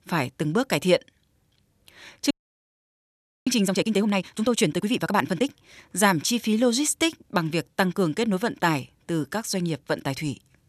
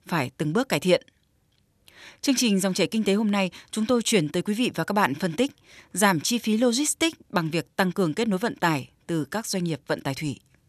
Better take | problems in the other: second | audio freezing; at 2.5 s for 1 s

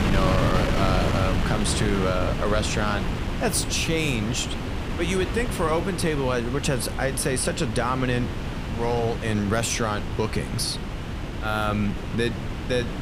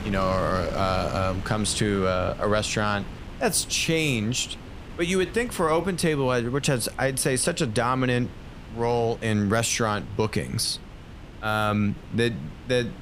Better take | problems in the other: second | wind noise on the microphone; heavy; 6 dB below the speech; occasional gusts in the second

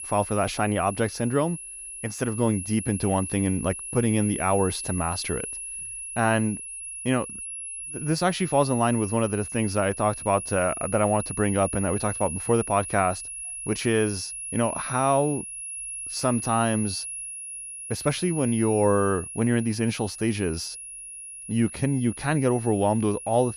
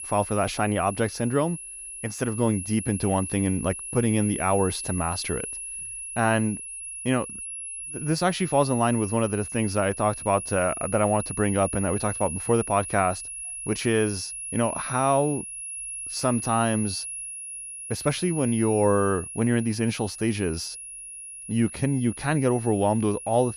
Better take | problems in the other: neither | high-pitched whine; loud; throughout; 10.5 kHz, 8 dB below the speech; the same in both

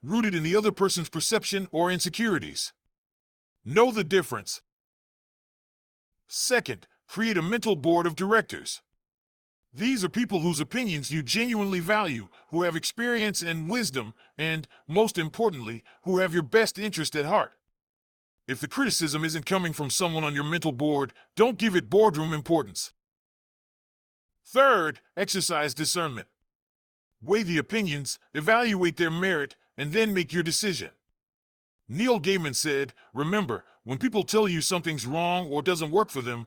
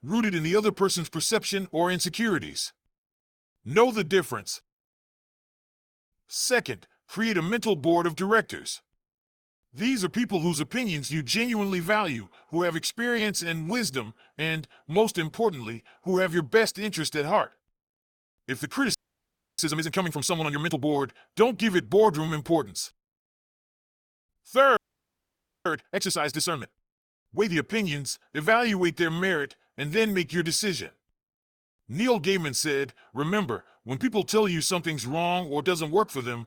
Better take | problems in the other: first | audio freezing; at 19 s for 0.5 s and at 25 s for 1 s

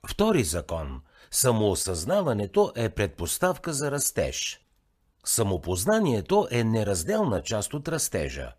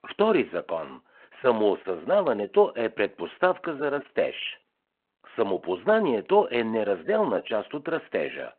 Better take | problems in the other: first | phone-call audio

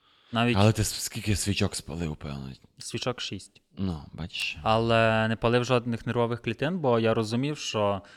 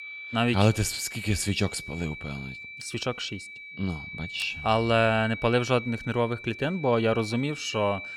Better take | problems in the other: first | high-pitched whine; noticeable; throughout; 2.5 kHz, 10 dB below the speech

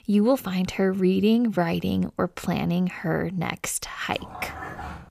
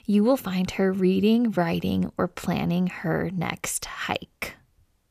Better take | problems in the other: second | dog barking; faint; at 4 s; peak 10 dB below the speech

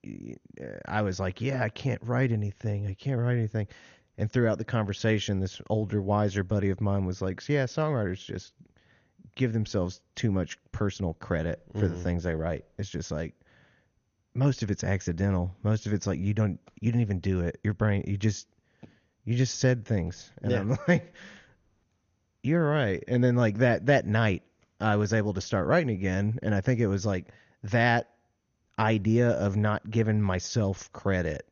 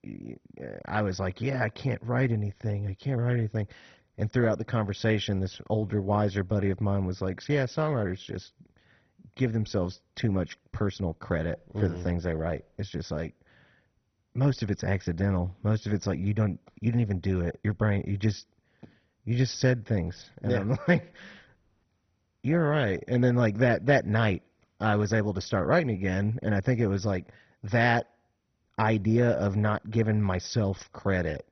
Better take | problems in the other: first | garbled, watery; badly; nothing above 6 kHz; slightly in the first

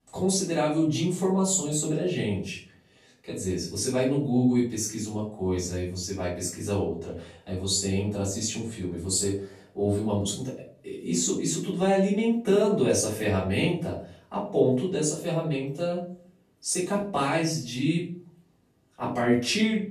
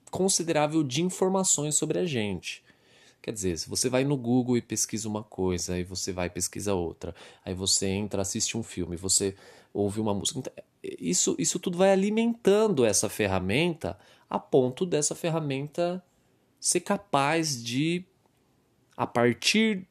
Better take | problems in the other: second | off-mic speech; far // room echo; noticeable; dies away in 0.4 s

